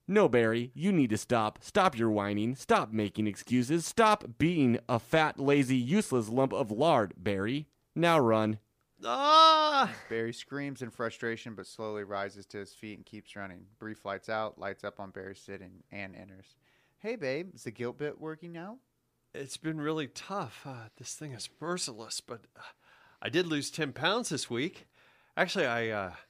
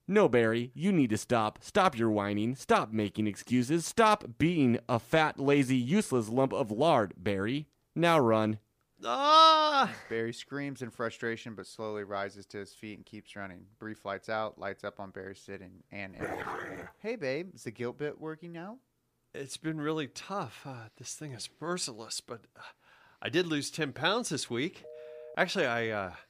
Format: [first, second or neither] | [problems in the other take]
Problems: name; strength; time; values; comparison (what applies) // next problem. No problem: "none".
first | dog barking; noticeable; at 16 s; peak 8 dB below the speech // phone ringing; faint; at 25 s; peak 20 dB below the speech